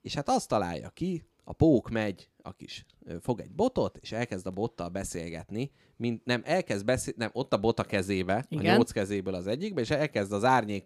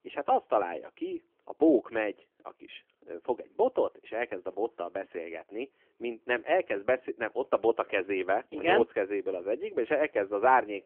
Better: first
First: none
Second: phone-call audio

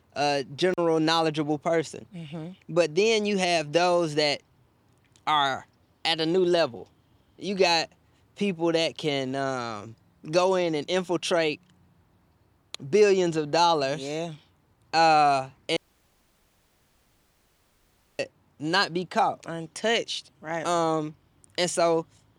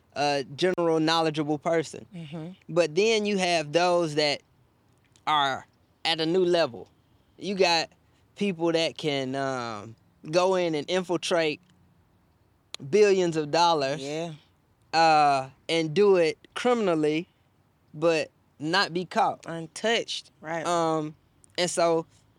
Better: second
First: audio cutting out; at 16 s for 2.5 s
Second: none

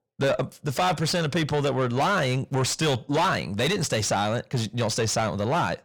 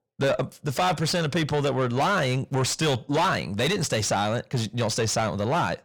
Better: neither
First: distortion; heavy; 6 dB below the speech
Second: distortion; heavy; 6 dB below the speech

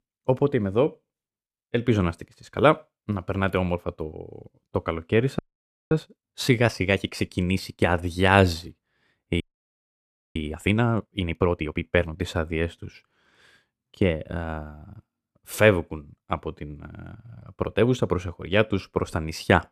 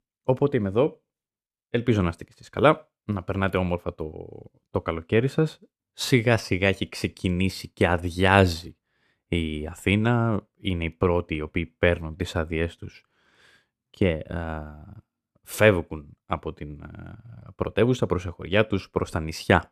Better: second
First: audio freezing; at 5.5 s for 0.5 s and at 9.5 s for 1 s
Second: none

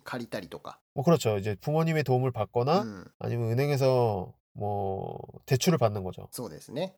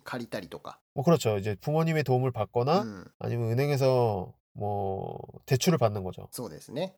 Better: neither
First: none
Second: none

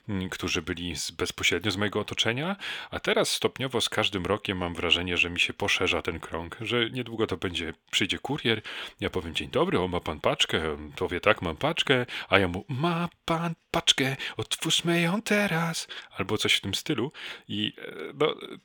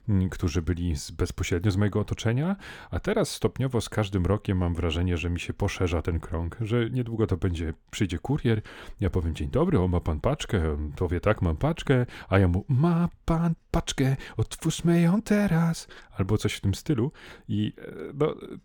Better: second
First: thin; somewhat; fading below 550 Hz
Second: none

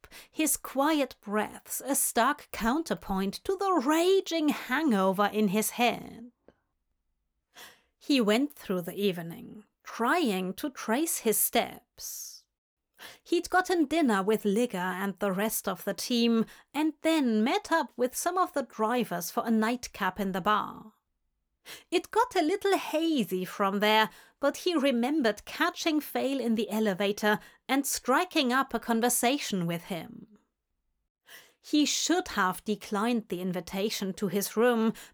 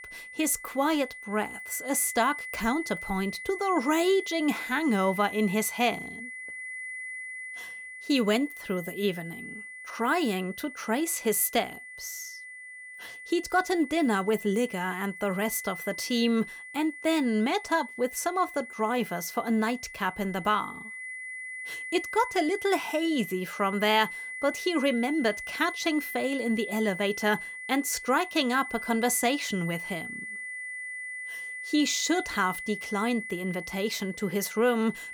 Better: first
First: none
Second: high-pitched whine; loud; throughout; 2 kHz, 10 dB below the speech

